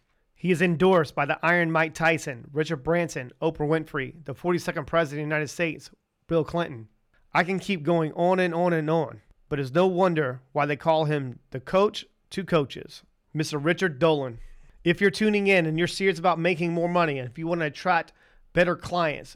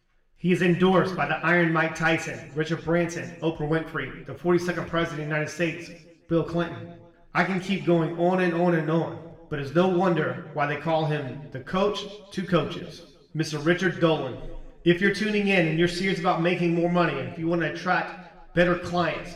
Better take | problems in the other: first | room echo; slight; dies away in 0.9 s // off-mic speech; somewhat distant

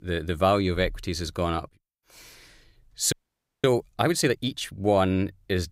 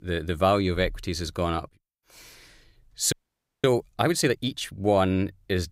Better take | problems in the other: neither | audio freezing; at 3 s for 0.5 s; the same in both

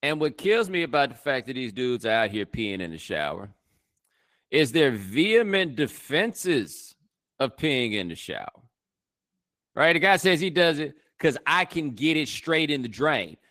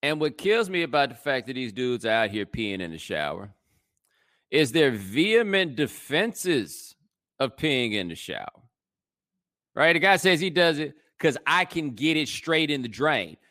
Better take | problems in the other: second | garbled, watery; slightly; nothing above 15 kHz

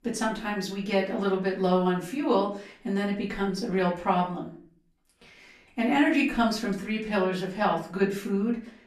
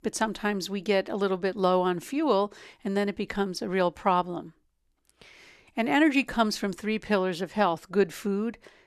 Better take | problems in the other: second | room echo; slight; dies away in 0.4 s // off-mic speech; far

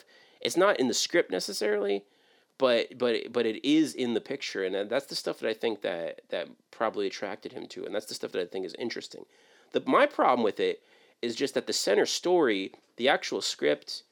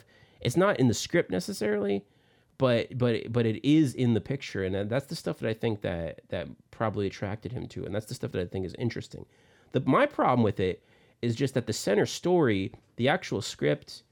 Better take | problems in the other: second | thin; somewhat; fading below 300 Hz

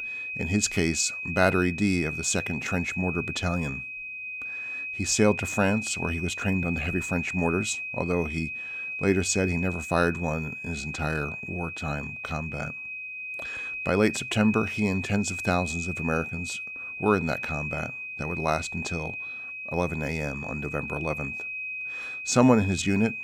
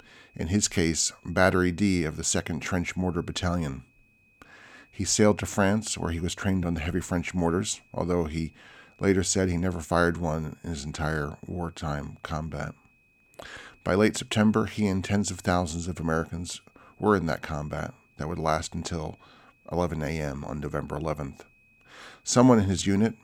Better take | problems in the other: second | high-pitched whine; loud; throughout; 2.5 kHz, 5 dB below the speech; faint in the second

